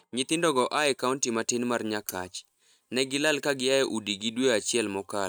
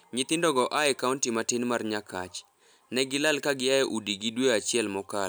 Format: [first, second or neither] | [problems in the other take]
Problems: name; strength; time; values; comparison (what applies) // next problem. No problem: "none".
second | noise reduction (neural mask model RNNoise)